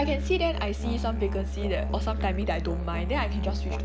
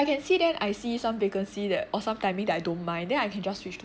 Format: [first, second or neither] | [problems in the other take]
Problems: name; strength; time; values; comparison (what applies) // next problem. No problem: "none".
second | background sound (Musical instrument); 1 dB above the speech